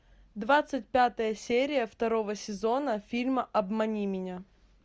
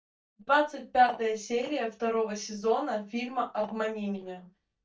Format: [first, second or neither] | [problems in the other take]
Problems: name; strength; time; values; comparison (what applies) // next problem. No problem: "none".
first | noise reduction (neural mask model DeepFilterNet 3)